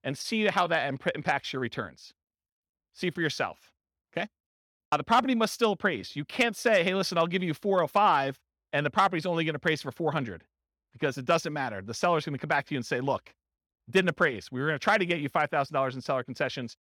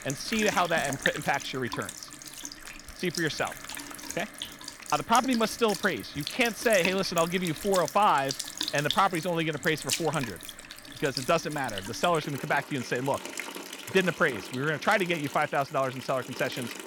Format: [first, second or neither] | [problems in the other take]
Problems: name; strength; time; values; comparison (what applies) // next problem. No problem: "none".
first | household noises; loud; throughout; 8 dB below the speech